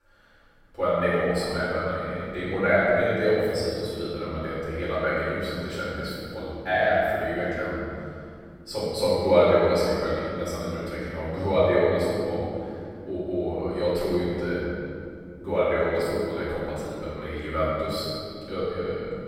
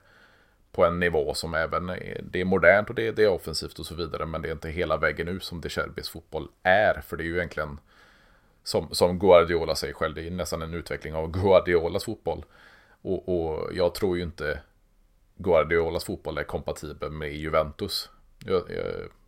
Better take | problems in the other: second | room echo; strong; dies away in 2.5 s // off-mic speech; far

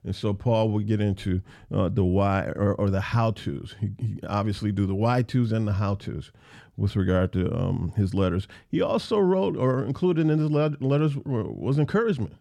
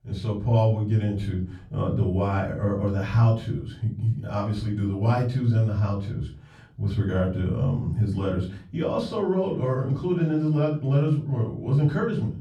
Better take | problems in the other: first | off-mic speech; far // room echo; slight; dies away in 0.4 s

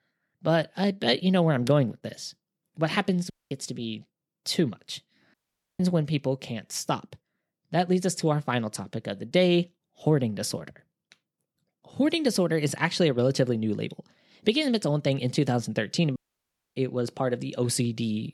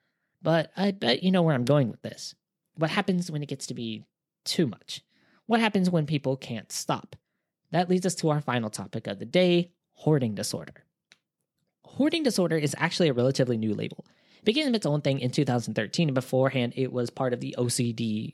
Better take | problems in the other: second | audio cutting out; at 3.5 s, at 5.5 s and at 16 s for 0.5 s

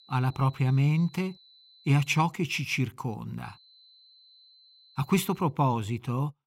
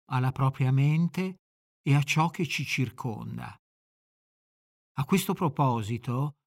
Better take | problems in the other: second | high-pitched whine; faint; until 2 s and from 3.5 to 5.5 s; 4 kHz, 25 dB below the speech

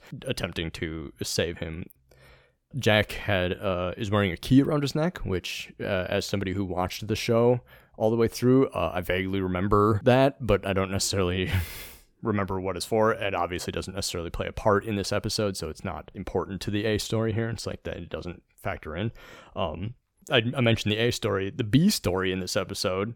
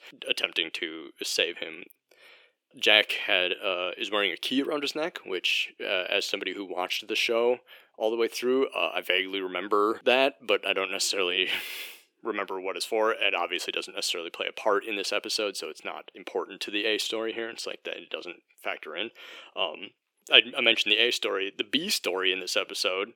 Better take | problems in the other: first | thin; somewhat; fading below 350 Hz

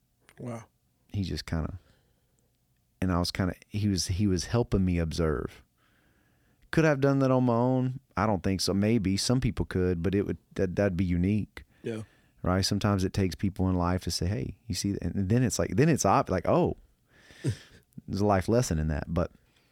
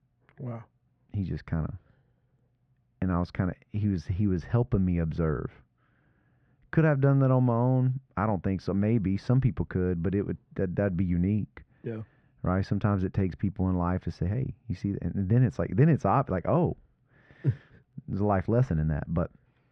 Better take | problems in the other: first | muffled; very; fading above 1.5 kHz

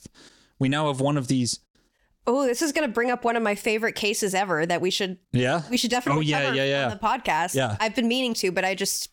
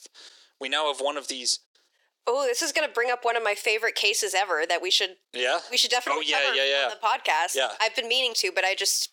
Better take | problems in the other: first | thin; very; fading below 400 Hz

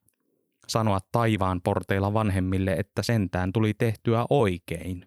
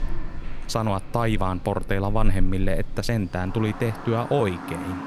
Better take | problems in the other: first | animal sounds; noticeable; throughout; 10 dB below the speech

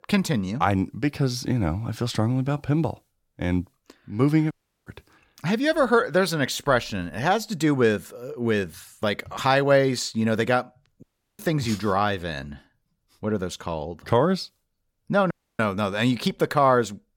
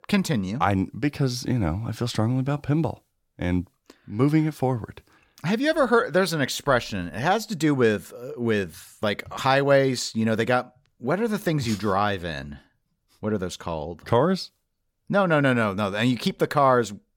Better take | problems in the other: second | audio cutting out; at 4.5 s, at 11 s and at 15 s

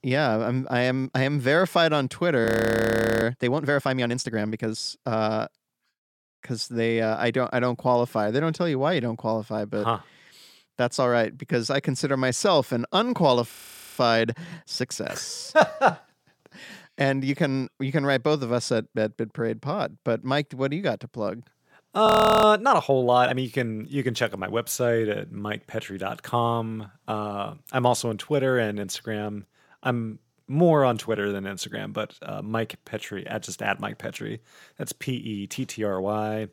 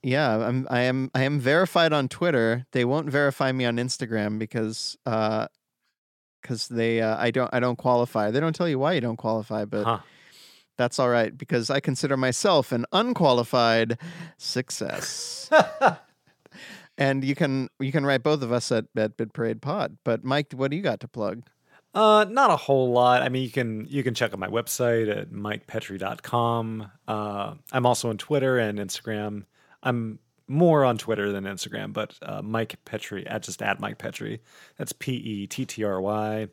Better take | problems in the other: second | audio freezing; at 2.5 s for 1 s, at 14 s and at 22 s

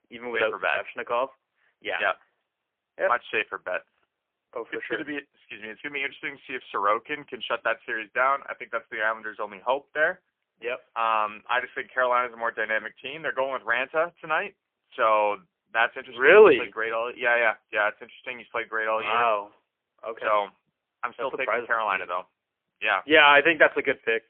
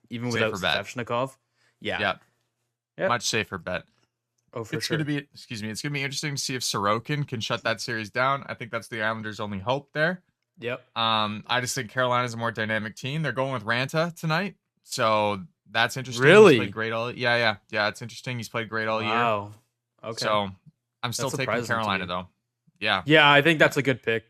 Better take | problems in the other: second | phone-call audio; poor line; nothing above 3 kHz

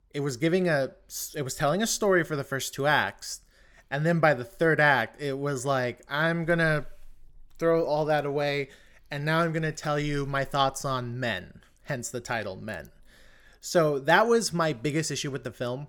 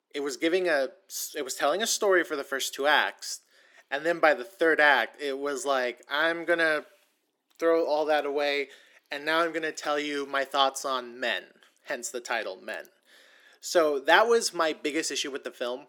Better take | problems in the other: first | thin; somewhat; fading below 300 Hz

